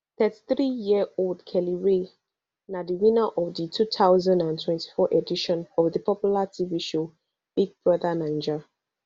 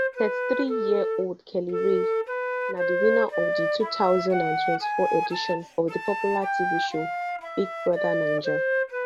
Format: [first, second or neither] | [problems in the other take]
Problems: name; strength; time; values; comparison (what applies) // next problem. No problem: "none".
first | background sound (Wind instrument, woodwind instrument); 1 dB above the speech